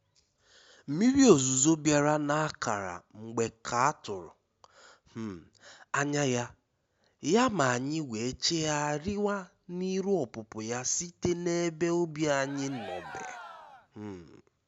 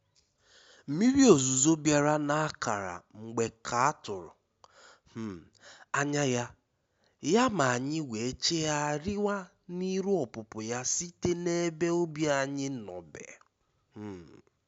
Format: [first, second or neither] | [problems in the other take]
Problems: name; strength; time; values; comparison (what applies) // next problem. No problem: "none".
second | background sound (Cheering); 15 dB below the speech